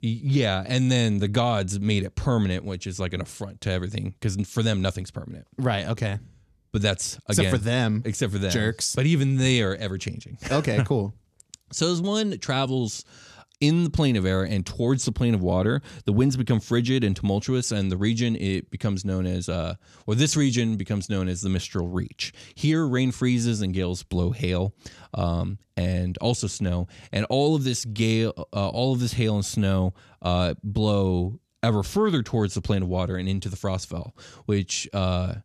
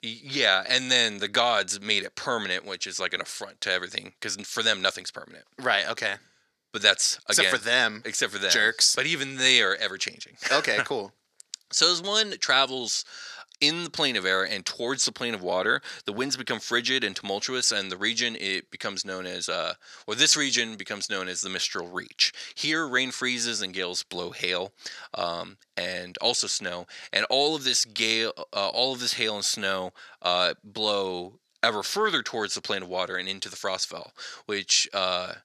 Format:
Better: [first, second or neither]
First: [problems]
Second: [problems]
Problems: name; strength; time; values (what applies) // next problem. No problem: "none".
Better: first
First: none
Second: thin; very; fading below 500 Hz